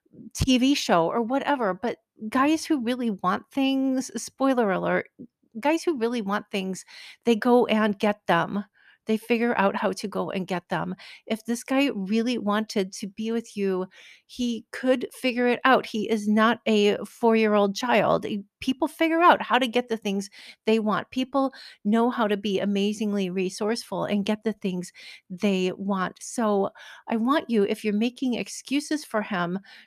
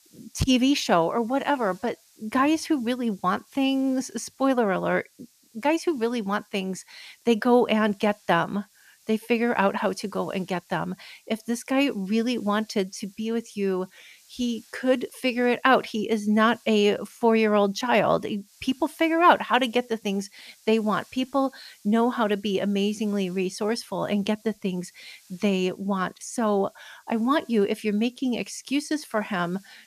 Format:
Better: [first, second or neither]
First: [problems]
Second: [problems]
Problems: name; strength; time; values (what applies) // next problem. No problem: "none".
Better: first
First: none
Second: hiss; faint; throughout; 30 dB below the speech